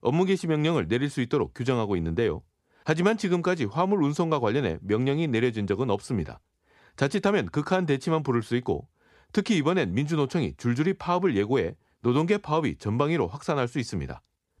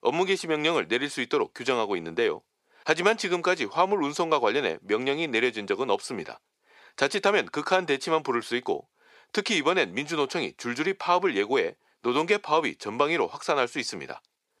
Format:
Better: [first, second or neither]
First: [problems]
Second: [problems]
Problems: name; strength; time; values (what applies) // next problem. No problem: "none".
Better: first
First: none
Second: thin; somewhat; fading below 450 Hz